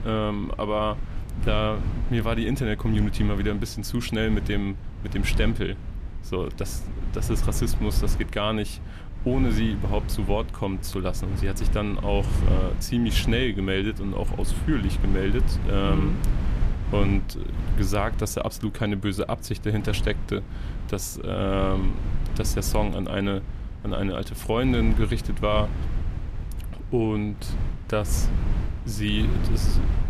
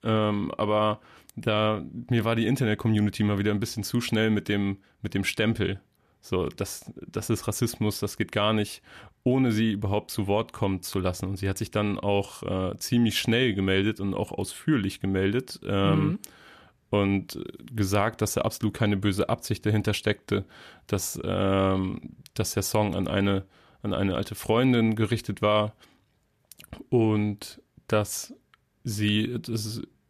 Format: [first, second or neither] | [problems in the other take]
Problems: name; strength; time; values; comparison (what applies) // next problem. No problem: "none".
second | wind noise on the microphone; occasional gusts; 10 dB below the speech